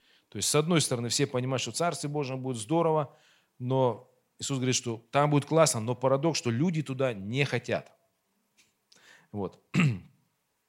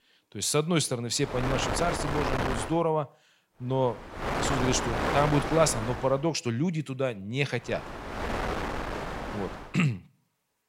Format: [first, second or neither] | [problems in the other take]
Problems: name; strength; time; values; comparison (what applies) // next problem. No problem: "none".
first | wind noise on the microphone; heavy; from 1.5 to 2.5 s, from 3.5 to 6 s and from 7.5 to 9.5 s; 2 dB below the speech